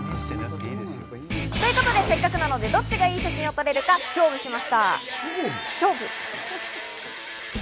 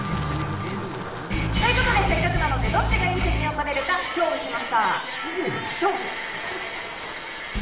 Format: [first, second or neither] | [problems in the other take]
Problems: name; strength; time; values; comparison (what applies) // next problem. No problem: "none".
first | background sound (Wind); 13 dB below the speech // room echo; dies away in 0.8 s